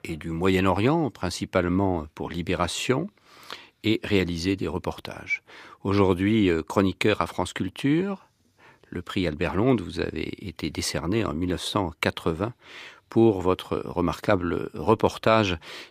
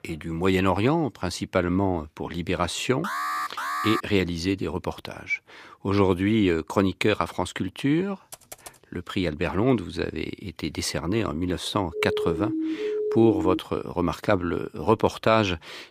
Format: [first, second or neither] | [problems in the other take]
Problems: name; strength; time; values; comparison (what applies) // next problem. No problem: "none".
first | alarm; noticeable; at 3 s; peak 2 dB below the speech // keyboard typing; faint; at 8.5 s; peak 15 dB below the speech // siren; noticeable; from 12 to 14 s; peak 2 dB below the speech